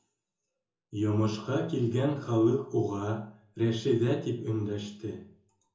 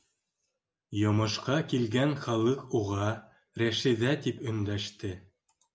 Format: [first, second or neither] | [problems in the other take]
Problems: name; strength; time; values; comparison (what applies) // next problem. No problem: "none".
second | room echo; dies away in 0.7 s